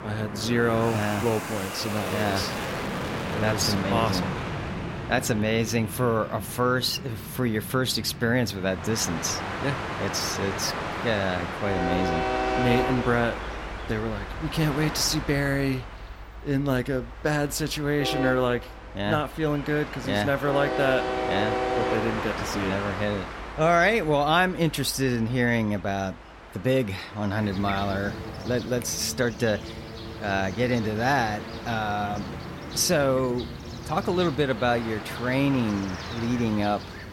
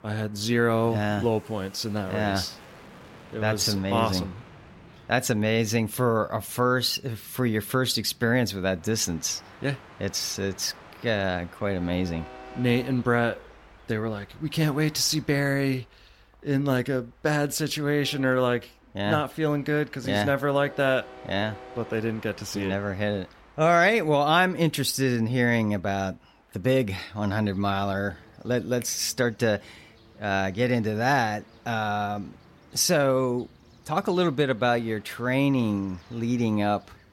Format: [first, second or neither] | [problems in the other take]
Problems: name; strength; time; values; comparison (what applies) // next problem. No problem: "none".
second | train or aircraft noise; loud; throughout; 6 dB below the speech; faint in the second